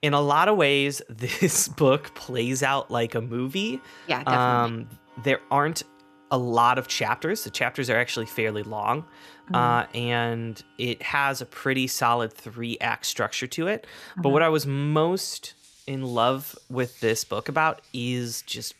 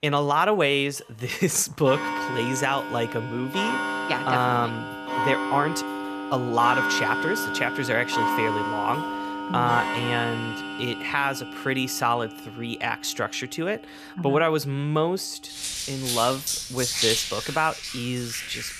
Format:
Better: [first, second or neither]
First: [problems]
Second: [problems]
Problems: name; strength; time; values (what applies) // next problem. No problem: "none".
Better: first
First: household noises; faint; throughout; 25 dB below the speech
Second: household noises; loud; throughout; 3 dB below the speech